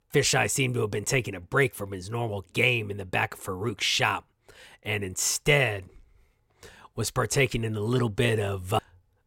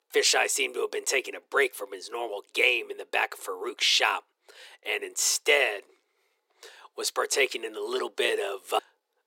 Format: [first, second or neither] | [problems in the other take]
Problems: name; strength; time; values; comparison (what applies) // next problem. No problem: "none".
first | thin; very; fading below 350 Hz